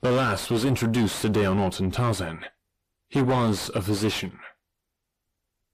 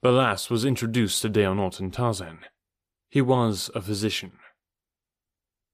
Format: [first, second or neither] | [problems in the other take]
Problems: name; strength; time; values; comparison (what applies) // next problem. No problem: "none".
second | distortion; heavy; 5 dB below the speech